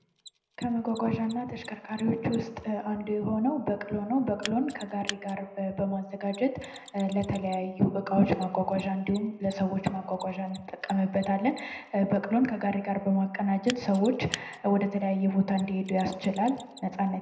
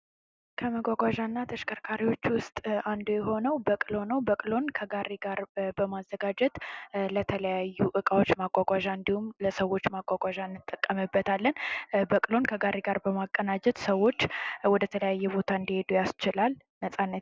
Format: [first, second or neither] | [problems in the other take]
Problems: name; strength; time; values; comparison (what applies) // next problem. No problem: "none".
second | background sound (Mechanisms); 20 dB below the speech // room echo; dies away in 0.7 s